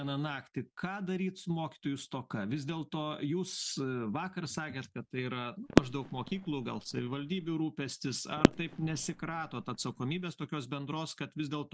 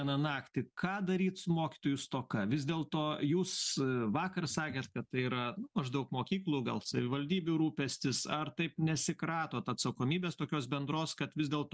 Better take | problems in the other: second | background sound (Fireworks); 3 dB above the speech

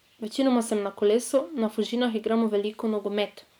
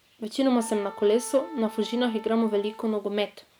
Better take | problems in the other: first | background sound (Wind instrument, woodwind instrument); 18 dB below the speech

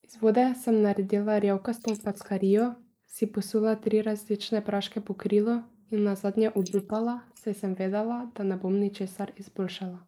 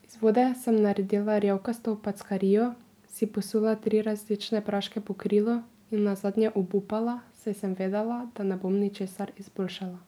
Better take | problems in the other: second | noise reduction (neural mask model Resemble Enhance denoiser)

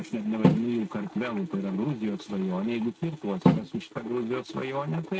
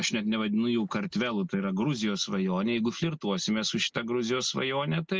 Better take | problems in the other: second | noise reduction (neural mask model RNNoise)

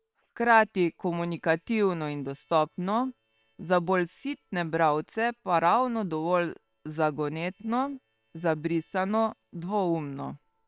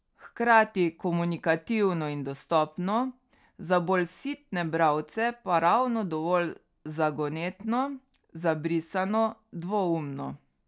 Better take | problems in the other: second | noise reduction (neural separator model SepFormer WHAM!)

